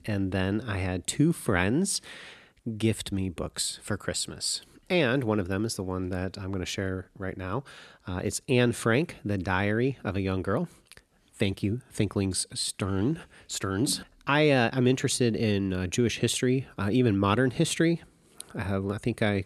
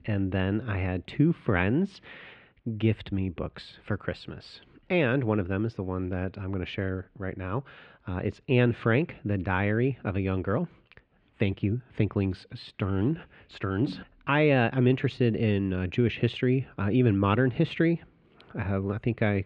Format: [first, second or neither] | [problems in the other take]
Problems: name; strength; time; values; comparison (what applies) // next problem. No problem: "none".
first | muffled; very; fading above 3 kHz